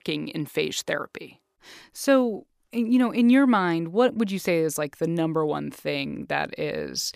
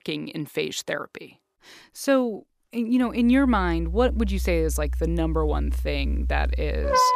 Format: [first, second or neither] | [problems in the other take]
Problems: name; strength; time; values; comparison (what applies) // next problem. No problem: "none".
first | background music; loud; from 3.5 s on; 3 dB below the speech